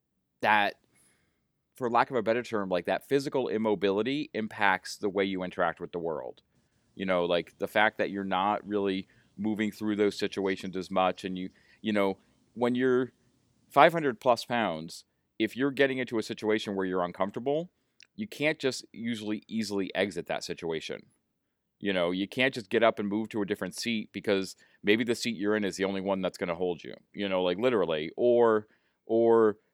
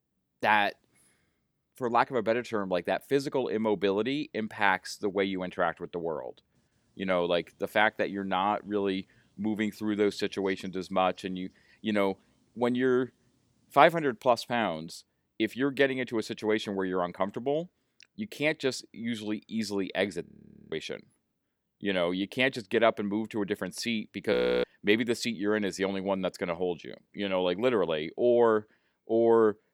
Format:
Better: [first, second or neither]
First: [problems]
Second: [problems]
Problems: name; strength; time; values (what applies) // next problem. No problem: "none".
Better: first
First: none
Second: audio freezing; at 20 s and at 24 s